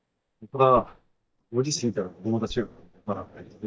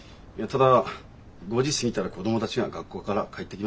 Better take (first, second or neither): second